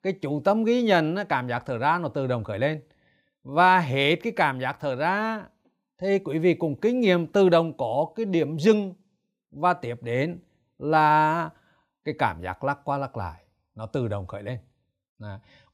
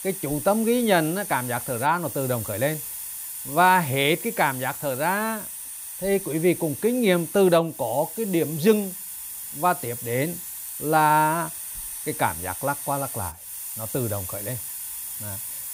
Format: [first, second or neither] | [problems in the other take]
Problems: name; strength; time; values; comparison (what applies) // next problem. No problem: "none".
first | hiss; loud; throughout; 8 dB below the speech